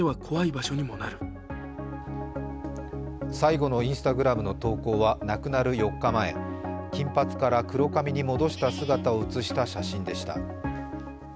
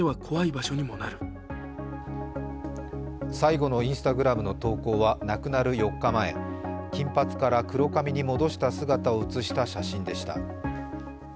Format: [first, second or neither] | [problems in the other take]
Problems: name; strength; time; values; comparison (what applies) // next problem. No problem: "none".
second | background sound (Livestock, farm animals, working animals); 19 dB below the speech